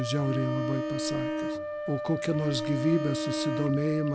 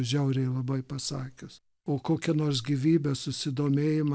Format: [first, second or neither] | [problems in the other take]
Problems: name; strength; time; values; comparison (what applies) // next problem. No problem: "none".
second | background sound (Bowed string instrument + Wind instrument, woodwind instrument); 3 dB below the speech